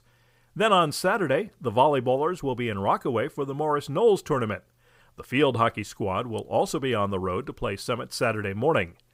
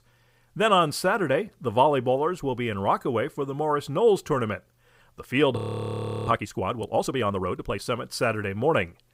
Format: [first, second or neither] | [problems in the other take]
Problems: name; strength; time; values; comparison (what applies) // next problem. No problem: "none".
first | audio freezing; at 5.5 s for 0.5 s